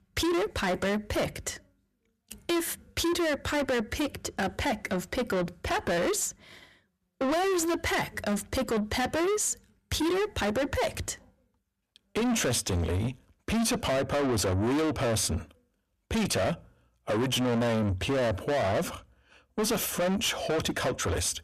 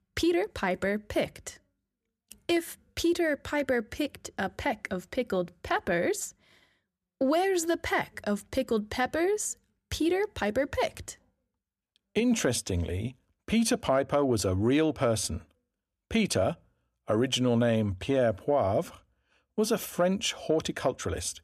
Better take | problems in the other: second | distortion; heavy; 6 dB below the speech

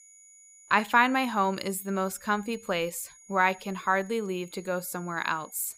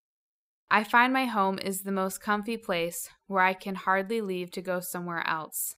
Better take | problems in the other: second | high-pitched whine; faint; throughout; 6.5 kHz, 25 dB below the speech

